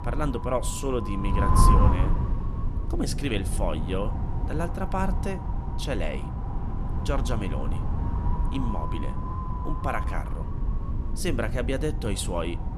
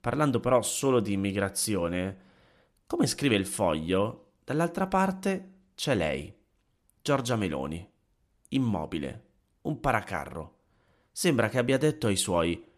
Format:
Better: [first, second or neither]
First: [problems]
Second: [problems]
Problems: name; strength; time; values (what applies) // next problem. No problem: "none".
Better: second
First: wind noise on the microphone; heavy; 2 dB below the speech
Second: none